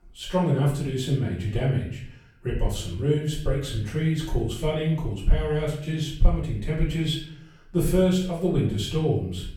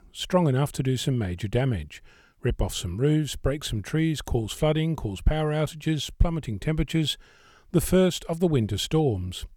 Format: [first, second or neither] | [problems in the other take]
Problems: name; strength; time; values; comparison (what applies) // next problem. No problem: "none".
second | room echo; noticeable; dies away in 0.6 s // off-mic speech; far